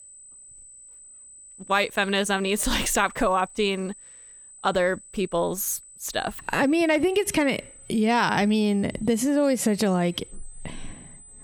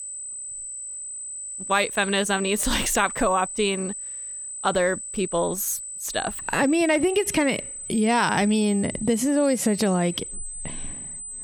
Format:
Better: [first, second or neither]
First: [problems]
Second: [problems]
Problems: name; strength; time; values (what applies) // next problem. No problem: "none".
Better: first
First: high-pitched whine; faint; throughout; 8 kHz, 20 dB below the speech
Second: high-pitched whine; loud; throughout; 8 kHz, 9 dB below the speech